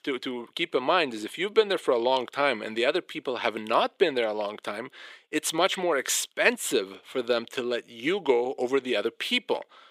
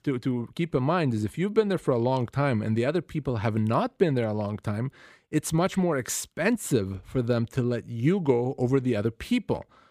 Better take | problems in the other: second | thin; somewhat; fading below 400 Hz

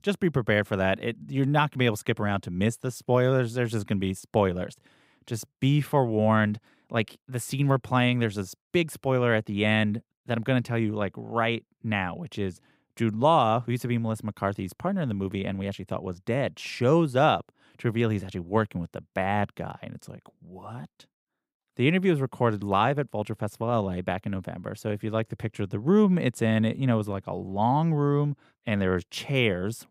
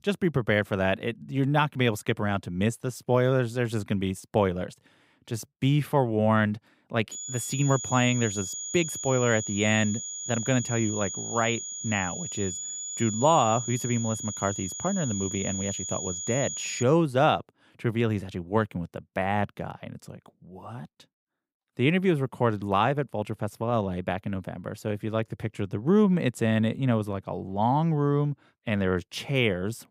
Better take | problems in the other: first | high-pitched whine; loud; from 7 to 17 s; 7 kHz, 6 dB below the speech

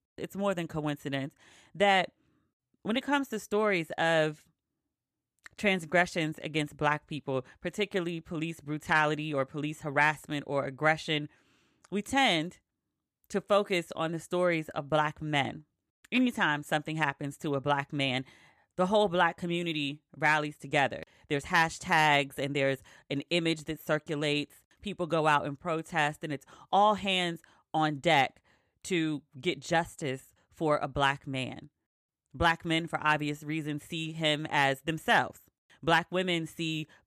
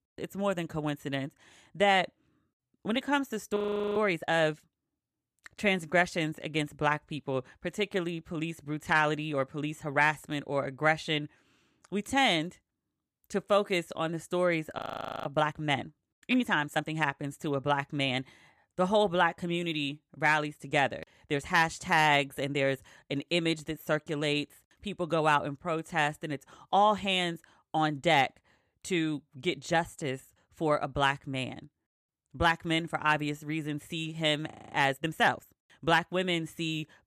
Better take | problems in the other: first | audio freezing; at 3.5 s, at 15 s and at 35 s

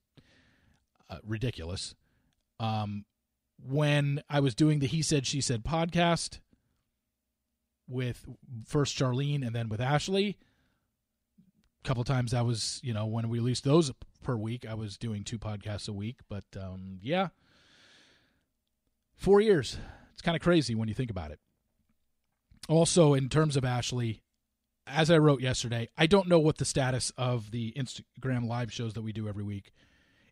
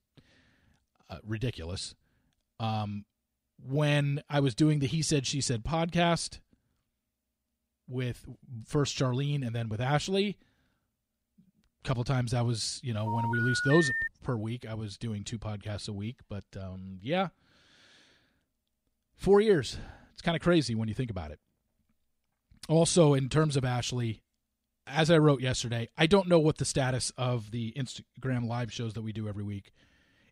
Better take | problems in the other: first | phone ringing; loud; from 13 to 14 s; peak level with the speech

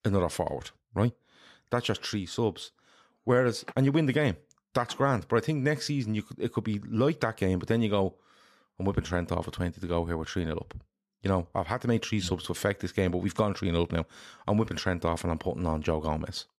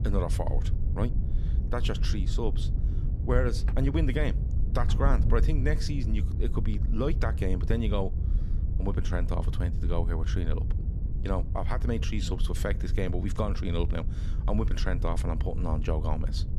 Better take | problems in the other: first | wind noise on the microphone; occasional gusts; 10 dB below the speech

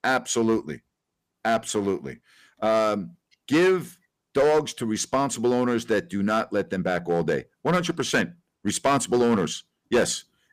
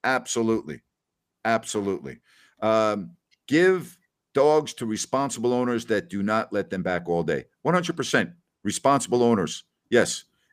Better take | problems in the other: second | distortion; slight; 4% of the sound clipped

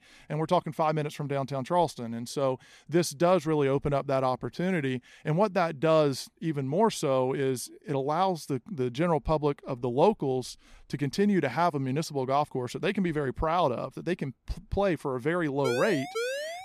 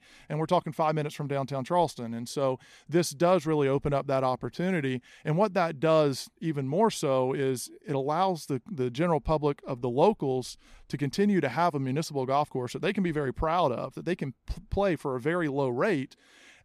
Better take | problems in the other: second | siren; noticeable; from 16 s on; peak 4 dB below the speech

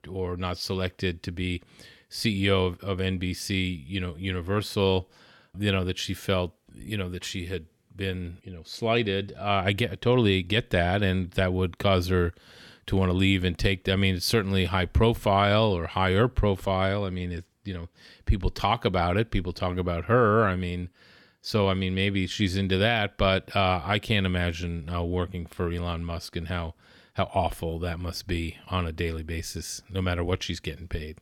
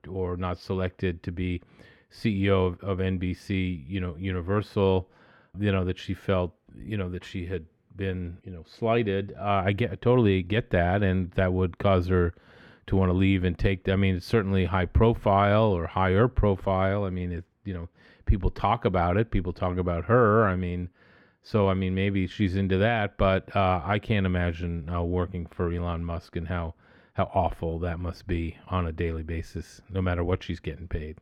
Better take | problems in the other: first | muffled; slightly; fading above 3 kHz

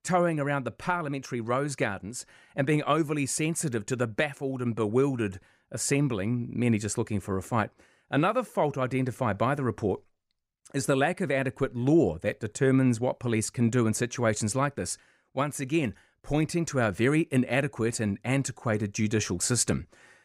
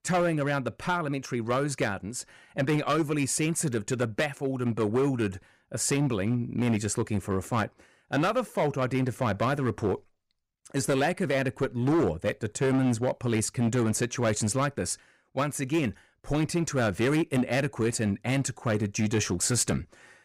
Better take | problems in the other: first | distortion; slight; 8% of the sound clipped

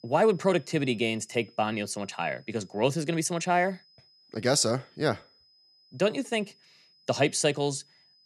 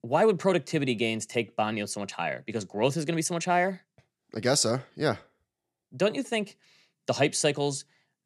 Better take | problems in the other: second | high-pitched whine; faint; throughout; 5 kHz, 30 dB below the speech

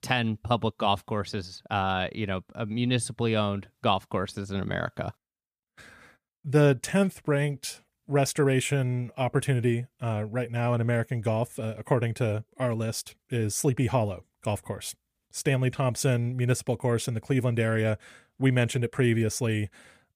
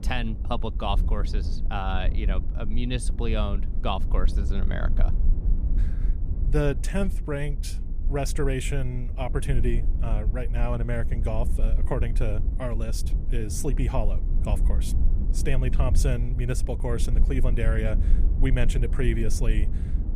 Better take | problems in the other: first | low rumble; noticeable; throughout; 10 dB below the speech

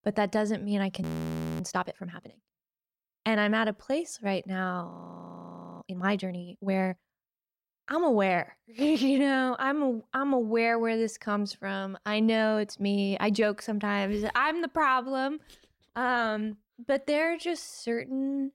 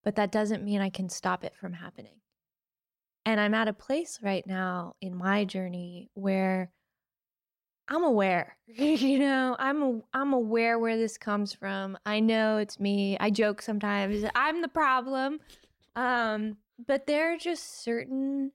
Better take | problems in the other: second | audio freezing; at 1 s for 0.5 s and at 5 s for 1 s

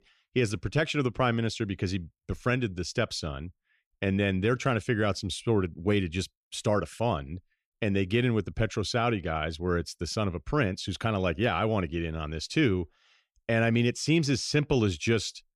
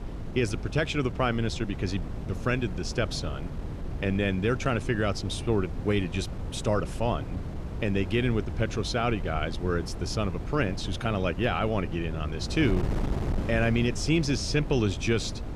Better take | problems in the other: first | wind noise on the microphone; occasional gusts; 15 dB below the speech

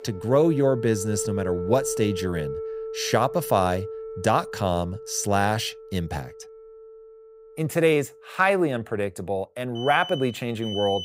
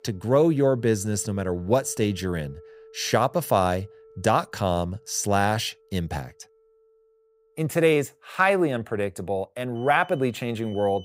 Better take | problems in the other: second | alarms or sirens; loud; throughout; 10 dB below the speech; faint in the second

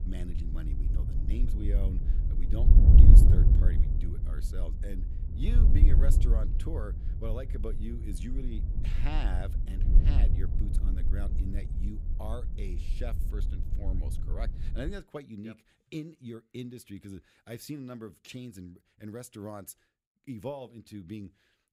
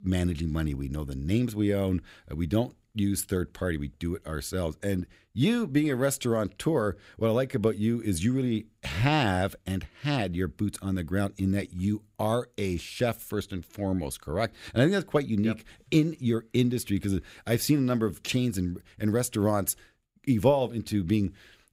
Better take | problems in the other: second | wind noise on the microphone; heavy; until 15 s; 1 dB below the speech

